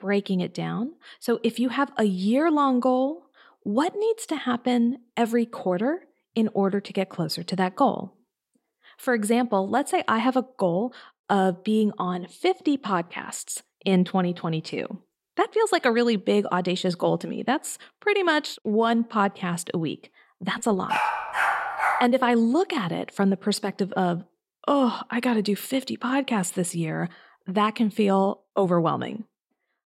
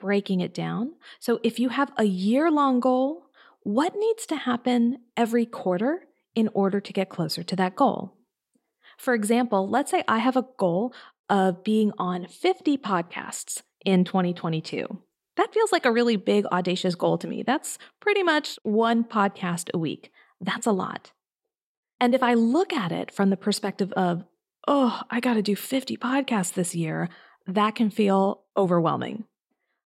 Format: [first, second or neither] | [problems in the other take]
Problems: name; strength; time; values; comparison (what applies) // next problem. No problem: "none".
second | dog barking; loud; from 21 to 22 s; peak 1 dB above the speech